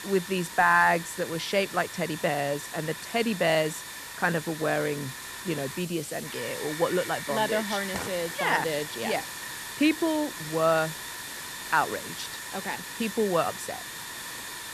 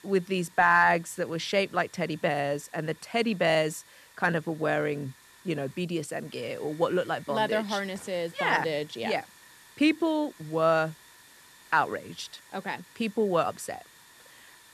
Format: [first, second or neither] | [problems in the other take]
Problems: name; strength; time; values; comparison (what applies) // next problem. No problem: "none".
second | hiss; loud; throughout; 8 dB below the speech; faint in the second